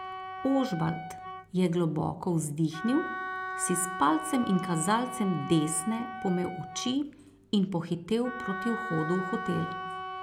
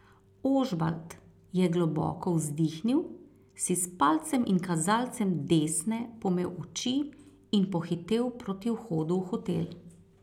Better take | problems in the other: second | background sound (Wind instrument, woodwind instrument); 9 dB below the speech

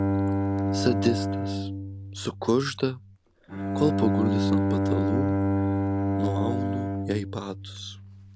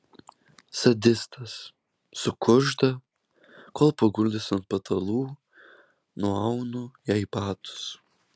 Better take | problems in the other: second | background sound (Bowed string instrument); 4 dB above the speech

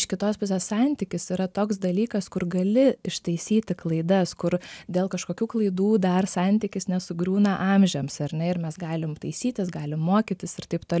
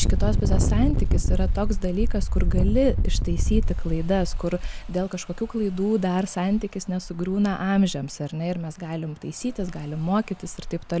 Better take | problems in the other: first | background sound (Engine); 2 dB above the speech

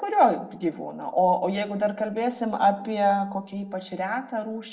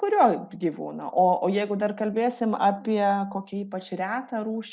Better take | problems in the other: second | room echo; dies away in 0.6 s

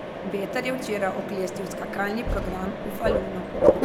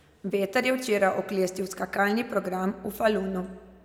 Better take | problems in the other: second | background sound (Mechanisms); 3 dB above the speech

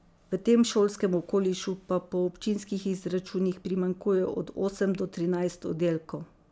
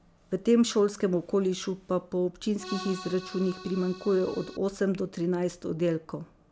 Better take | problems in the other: first | background sound (Accordion); 13 dB below the speech

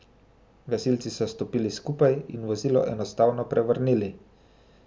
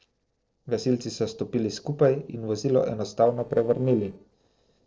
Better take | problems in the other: first | noise reduction (neural separator model SepFormer DNS4)

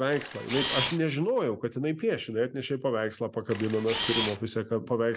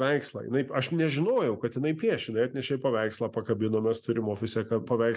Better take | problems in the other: second | background sound (Camera); 4 dB below the speech

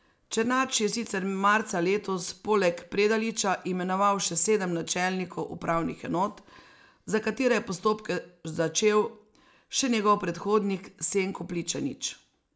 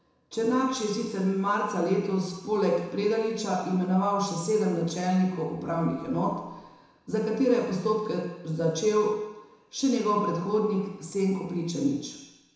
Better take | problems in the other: first | room echo; dies away in 1 s

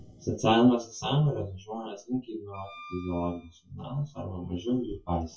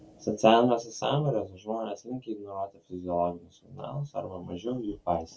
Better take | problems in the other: second | noise reduction (classical method WPE with log-MMSE)

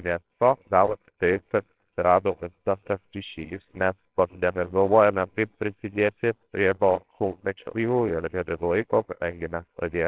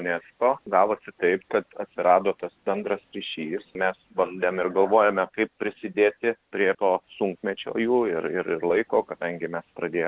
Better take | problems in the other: second | noise reduction (neural separator model SepFormer WHAMR!)

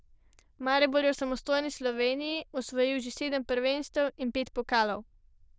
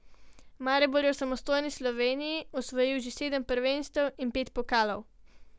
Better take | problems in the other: second | noise reduction (neural diffusion model UNIVERSE++)

